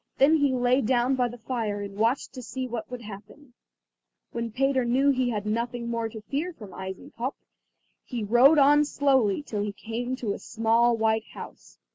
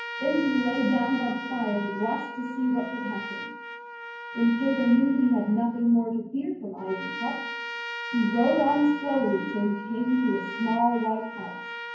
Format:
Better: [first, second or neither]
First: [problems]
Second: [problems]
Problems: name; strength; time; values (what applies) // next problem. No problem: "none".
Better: first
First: none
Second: background sound (Trumpet); 10 dB below the speech // room echo; dies away in 0.9 s